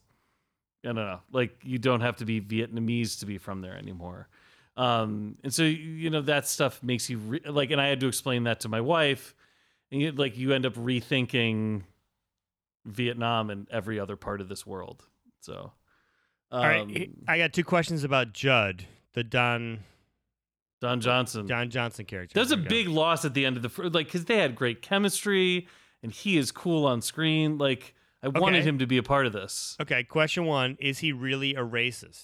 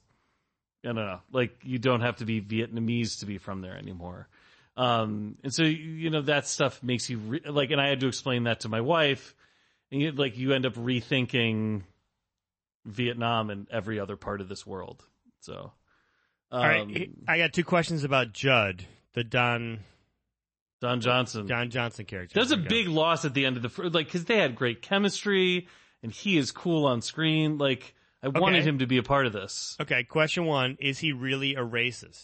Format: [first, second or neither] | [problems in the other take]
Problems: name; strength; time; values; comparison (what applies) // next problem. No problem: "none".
first | garbled, watery; slightly; nothing above 8 kHz